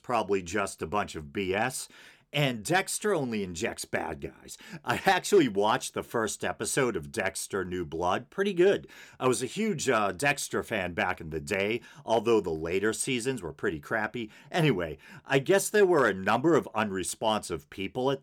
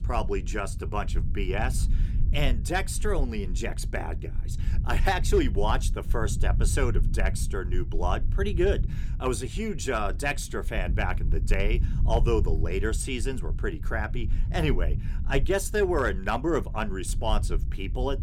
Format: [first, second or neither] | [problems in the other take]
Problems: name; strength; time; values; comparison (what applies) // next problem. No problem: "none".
first | low rumble; noticeable; throughout; 15 dB below the speech